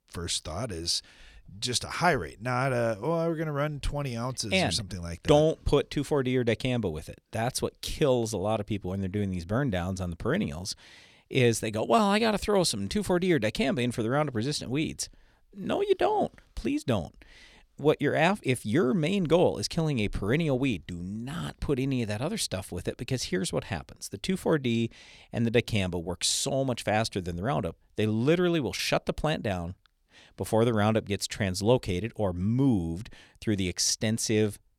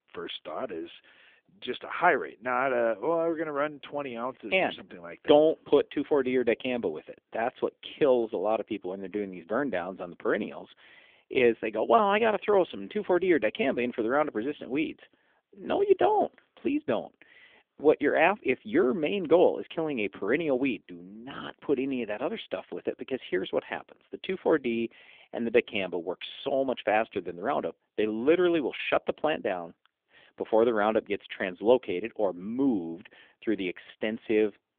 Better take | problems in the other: first | phone-call audio; nothing above 3.5 kHz

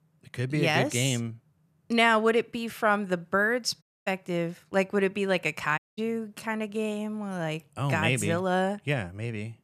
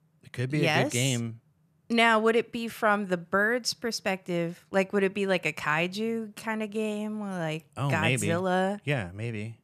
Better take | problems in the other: second | audio cutting out; at 4 s and at 6 s

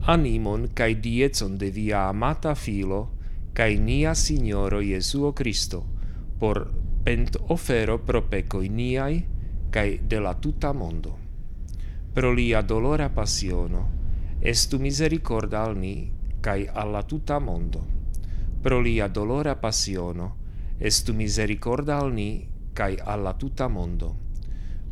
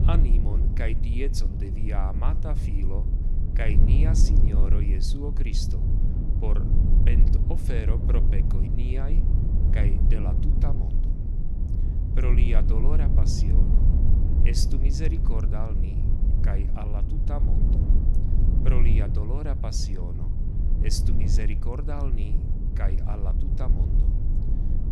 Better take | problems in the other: first | low rumble; loud; throughout; 3 dB below the speech; faint in the first

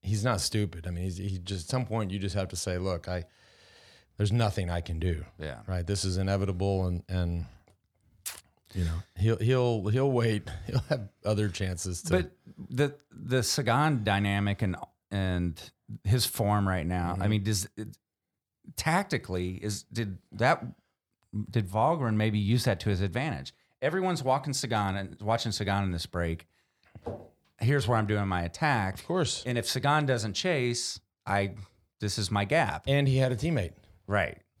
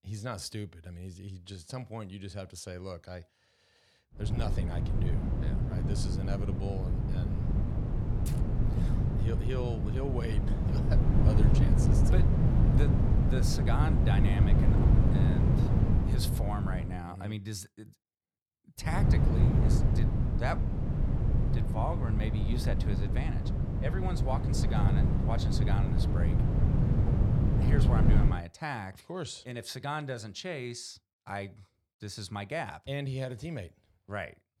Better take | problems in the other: first | wind noise on the microphone; heavy; from 4.5 to 17 s and from 19 to 28 s; 1 dB above the speech

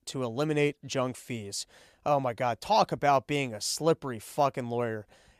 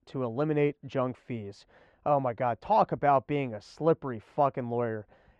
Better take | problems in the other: first | muffled; very; fading above 1.5 kHz

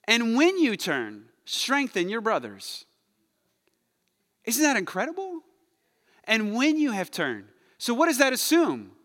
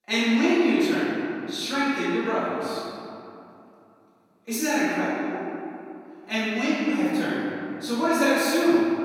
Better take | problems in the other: first | room echo; strong; dies away in 2.6 s // off-mic speech; far

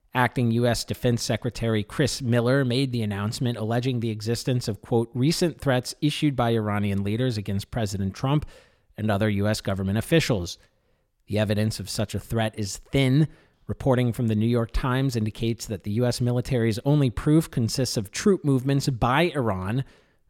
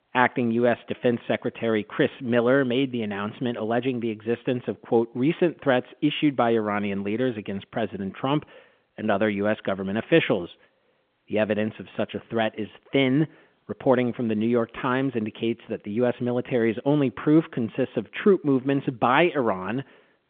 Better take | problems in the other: first | phone-call audio; nothing above 3.5 kHz

